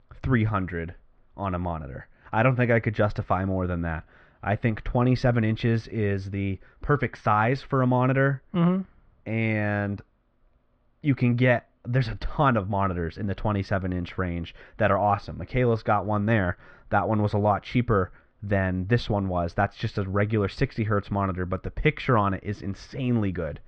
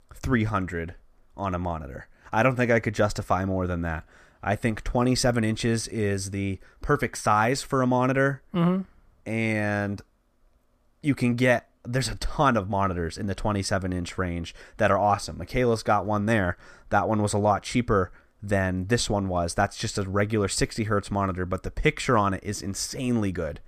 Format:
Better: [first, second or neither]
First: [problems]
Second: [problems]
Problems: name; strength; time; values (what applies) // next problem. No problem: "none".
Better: second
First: muffled; slightly; fading above 3.5 kHz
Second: none